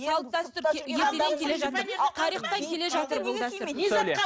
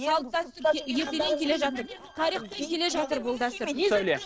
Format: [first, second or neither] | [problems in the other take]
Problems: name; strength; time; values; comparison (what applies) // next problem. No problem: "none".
first | noise reduction (neural separator model SepFormer DNS4)